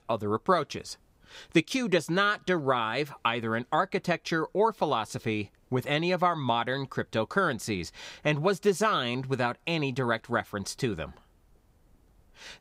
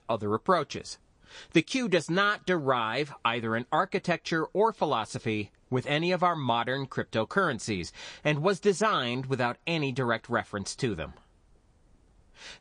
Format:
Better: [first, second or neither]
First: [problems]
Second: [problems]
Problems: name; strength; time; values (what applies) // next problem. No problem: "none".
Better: first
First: none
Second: garbled, watery; slightly; nothing above 9 kHz